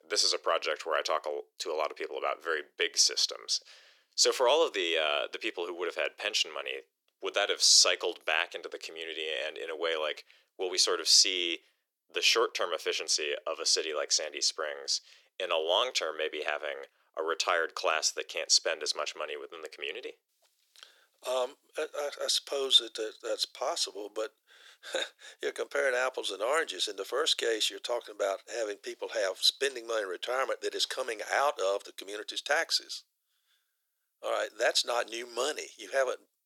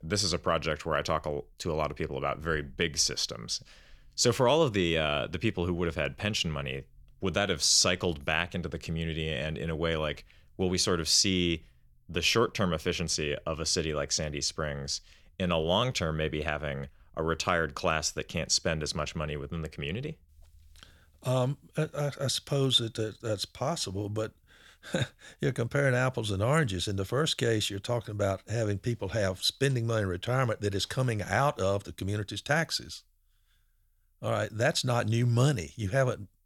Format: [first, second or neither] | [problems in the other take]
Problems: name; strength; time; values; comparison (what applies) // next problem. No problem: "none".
second | thin; very; fading below 400 Hz